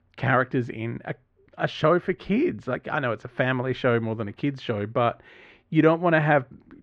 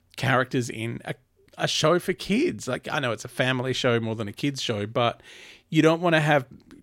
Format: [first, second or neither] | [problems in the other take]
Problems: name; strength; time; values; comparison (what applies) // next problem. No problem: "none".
second | muffled; very; fading above 1.5 kHz